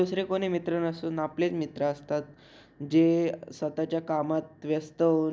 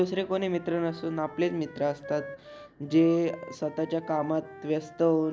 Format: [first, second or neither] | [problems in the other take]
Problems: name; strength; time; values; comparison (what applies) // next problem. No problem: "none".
first | background sound (Wind instrument, woodwind instrument); 18 dB below the speech